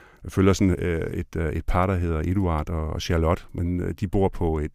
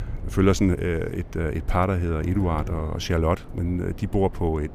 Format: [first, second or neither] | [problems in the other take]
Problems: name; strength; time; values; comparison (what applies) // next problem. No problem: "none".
first | wind noise on the microphone; occasional gusts; 20 dB below the speech